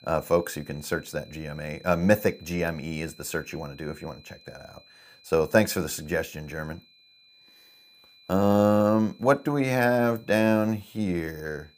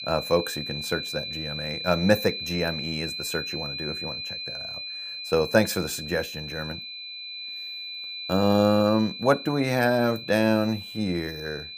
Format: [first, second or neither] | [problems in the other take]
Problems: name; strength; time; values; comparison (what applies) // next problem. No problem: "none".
first | high-pitched whine; loud; throughout; 4 kHz, 7 dB below the speech; faint in the first